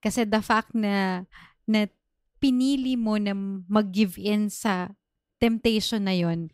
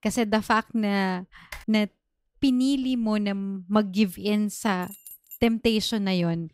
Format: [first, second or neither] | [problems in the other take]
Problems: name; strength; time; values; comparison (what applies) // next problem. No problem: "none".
first | keyboard typing; faint; at 1.5 s; peak 15 dB below the speech // jangling keys; faint; at 5 s; peak 15 dB below the speech